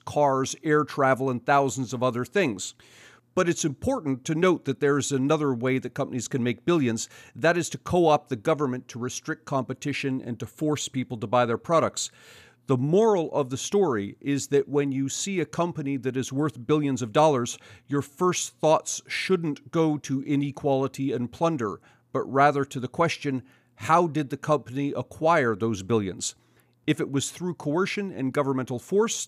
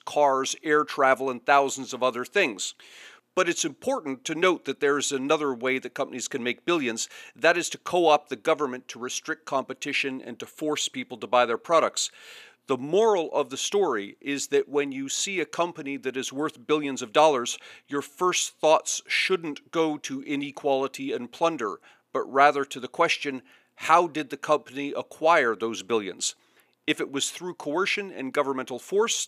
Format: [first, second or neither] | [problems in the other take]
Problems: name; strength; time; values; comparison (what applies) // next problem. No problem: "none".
first | thin; somewhat; fading below 350 Hz